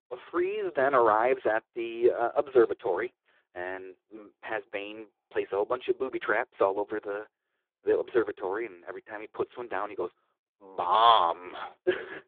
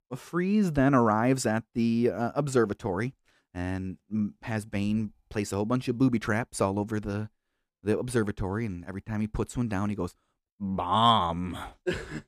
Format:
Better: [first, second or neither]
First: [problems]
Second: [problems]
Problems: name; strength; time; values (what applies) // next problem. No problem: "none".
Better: second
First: phone-call audio; poor line; nothing above 3.5 kHz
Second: none